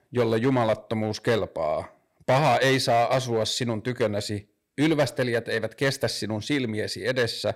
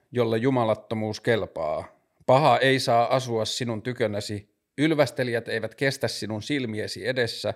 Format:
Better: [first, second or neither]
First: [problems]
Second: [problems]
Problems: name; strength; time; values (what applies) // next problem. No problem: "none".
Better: second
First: distortion; slight; 5% of the sound clipped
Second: none